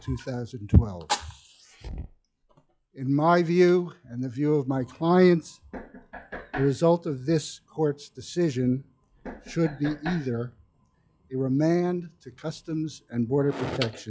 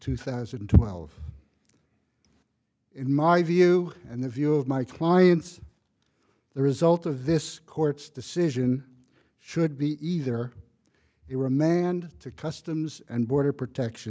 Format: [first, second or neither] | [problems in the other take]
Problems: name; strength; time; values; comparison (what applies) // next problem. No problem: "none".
second | noise reduction (classical method log-MMSE)